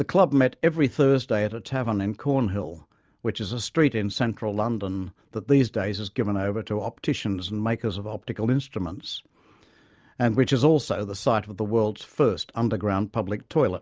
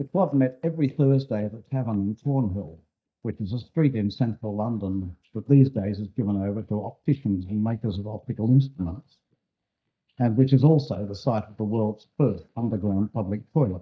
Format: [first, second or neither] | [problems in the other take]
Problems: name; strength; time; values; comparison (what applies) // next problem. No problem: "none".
first | noise reduction (neural mask model DeepFilterNet 3)